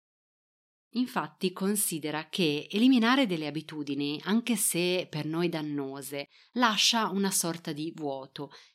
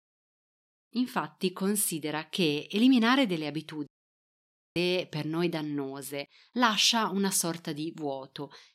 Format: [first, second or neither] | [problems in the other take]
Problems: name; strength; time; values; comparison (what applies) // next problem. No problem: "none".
first | audio cutting out; at 4 s for 1 s